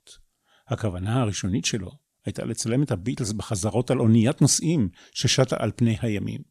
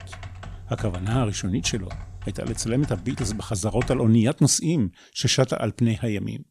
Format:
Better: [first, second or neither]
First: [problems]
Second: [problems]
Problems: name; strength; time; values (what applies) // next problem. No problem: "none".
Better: first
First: none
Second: keyboard typing; faint; until 4 s; peak 10 dB below the speech